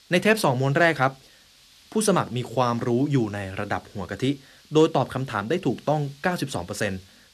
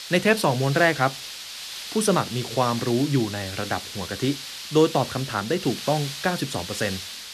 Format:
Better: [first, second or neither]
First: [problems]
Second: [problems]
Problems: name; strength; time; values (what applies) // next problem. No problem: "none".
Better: first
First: hiss; faint; throughout; 25 dB below the speech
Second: hiss; loud; throughout; 9 dB below the speech